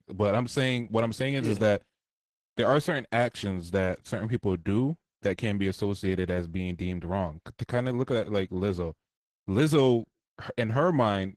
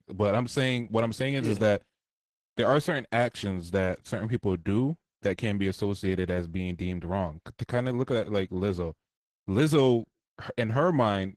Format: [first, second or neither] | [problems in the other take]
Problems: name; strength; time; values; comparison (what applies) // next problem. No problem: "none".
neither | garbled, watery; slightly; nothing above 13 kHz; the same in both